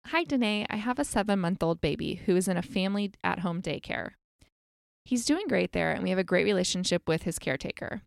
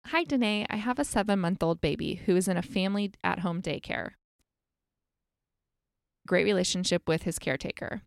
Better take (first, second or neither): first